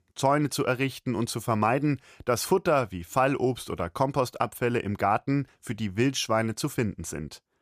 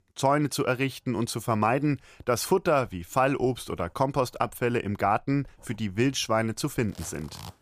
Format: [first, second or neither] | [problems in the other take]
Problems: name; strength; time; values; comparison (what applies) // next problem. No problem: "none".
first | household noises; faint; throughout; 25 dB below the speech